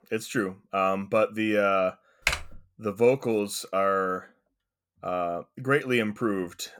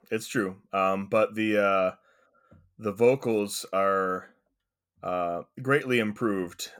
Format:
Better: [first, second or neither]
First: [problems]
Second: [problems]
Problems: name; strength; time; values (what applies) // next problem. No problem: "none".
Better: second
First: keyboard typing; noticeable; at 2.5 s; peak 1 dB below the speech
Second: none